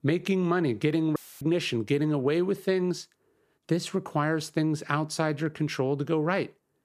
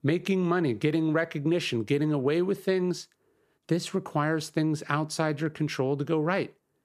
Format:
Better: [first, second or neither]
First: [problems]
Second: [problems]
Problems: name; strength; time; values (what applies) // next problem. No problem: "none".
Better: second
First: audio cutting out; filled with static; at 1 s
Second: none